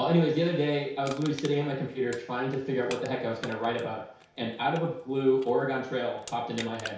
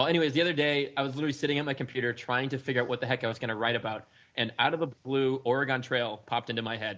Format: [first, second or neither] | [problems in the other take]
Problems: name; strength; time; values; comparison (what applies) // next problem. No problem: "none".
second | background sound (Crushing); 19 dB below the speech // room echo; dies away in 0.6 s